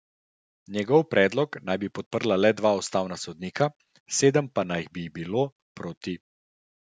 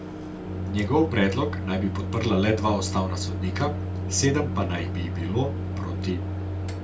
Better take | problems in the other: first | background sound (Microwave oven); 2 dB below the speech // room echo; dies away in 0.2 s

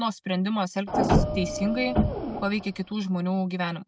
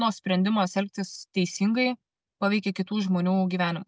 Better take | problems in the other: second | background sound (Printer); 2 dB above the speech

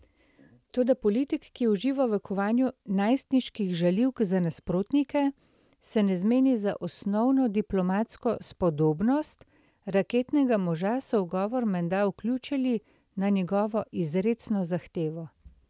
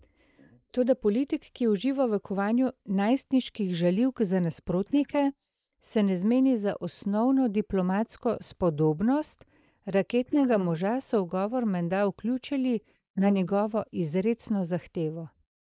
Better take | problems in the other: first | noise reduction (neural mask model Resemble Enhance denoiser)

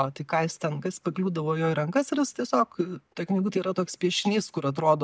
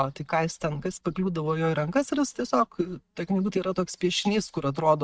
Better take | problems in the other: first | noise reduction (neural mask model RNNoise)

